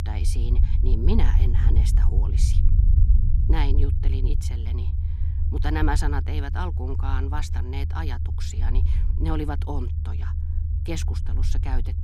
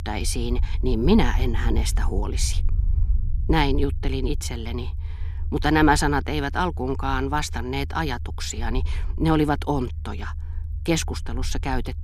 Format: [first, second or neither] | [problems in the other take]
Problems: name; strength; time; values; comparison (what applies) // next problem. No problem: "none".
second | low rumble; loud; throughout; 7 dB below the speech; faint in the second